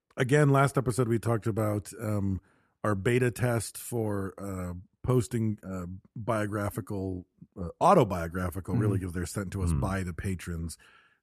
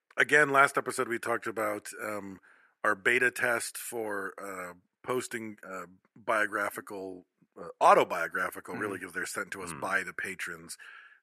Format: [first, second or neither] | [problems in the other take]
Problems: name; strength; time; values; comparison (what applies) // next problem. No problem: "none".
first | thin; very; fading below 450 Hz